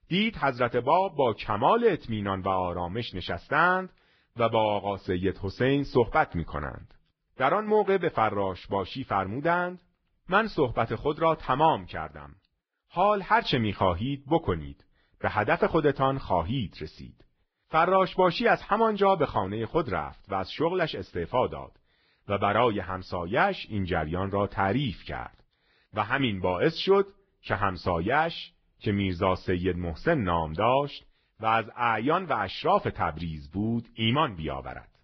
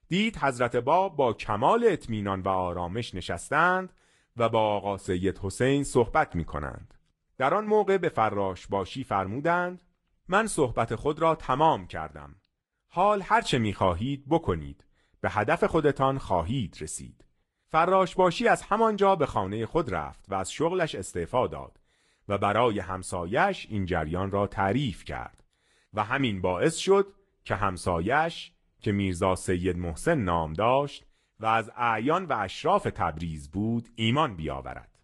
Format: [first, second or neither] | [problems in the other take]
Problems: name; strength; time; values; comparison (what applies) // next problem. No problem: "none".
second | garbled, watery; badly; nothing above 5 kHz; slightly in the second